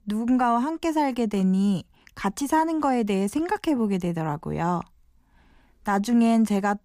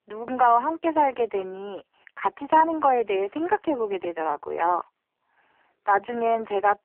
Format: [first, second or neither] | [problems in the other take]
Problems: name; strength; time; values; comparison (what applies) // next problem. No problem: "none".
first | phone-call audio; poor line